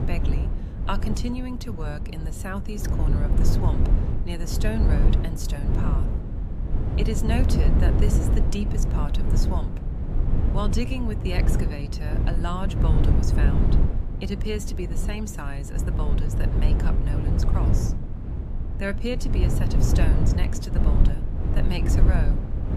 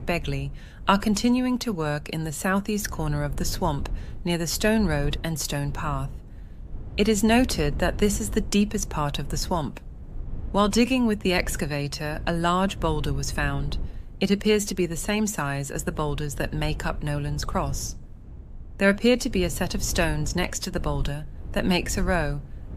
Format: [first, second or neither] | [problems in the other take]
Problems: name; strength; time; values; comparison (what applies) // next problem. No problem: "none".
second | low rumble; loud; throughout; 2 dB below the speech; faint in the second